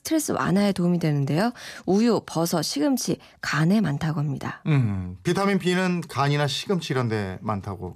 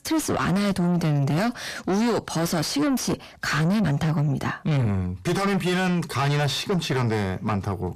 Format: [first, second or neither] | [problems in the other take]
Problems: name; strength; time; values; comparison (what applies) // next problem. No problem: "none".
first | distortion; heavy; 7 dB below the speech